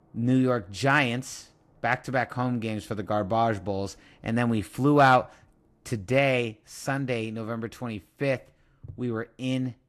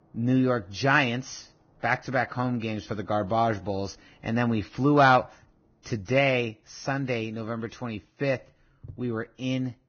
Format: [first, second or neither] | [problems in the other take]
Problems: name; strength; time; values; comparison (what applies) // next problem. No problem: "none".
first | garbled, watery; badly; nothing above 6.5 kHz; slightly in the first